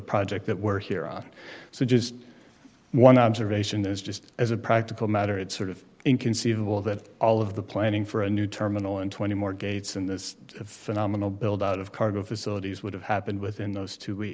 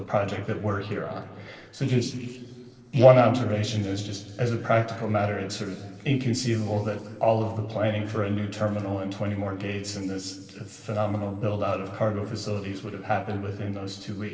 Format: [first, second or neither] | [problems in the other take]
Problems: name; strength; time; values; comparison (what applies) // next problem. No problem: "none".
first | noise reduction (neural separator model SepFormer DNS4)